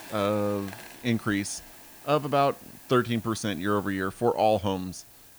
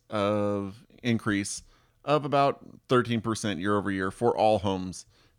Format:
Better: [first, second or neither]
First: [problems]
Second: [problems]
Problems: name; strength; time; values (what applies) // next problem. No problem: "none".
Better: second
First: hiss; noticeable; throughout; 20 dB below the speech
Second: none